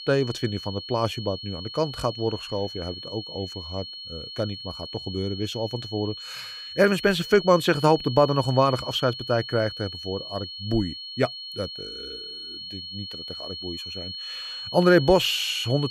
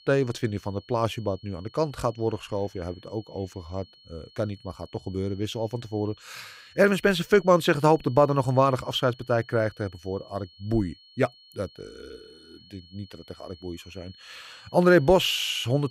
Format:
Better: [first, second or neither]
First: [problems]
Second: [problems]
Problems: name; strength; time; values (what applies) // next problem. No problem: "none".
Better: second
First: high-pitched whine; loud; throughout; 4.5 kHz, 10 dB below the speech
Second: high-pitched whine; faint; throughout; 4.5 kHz, 25 dB below the speech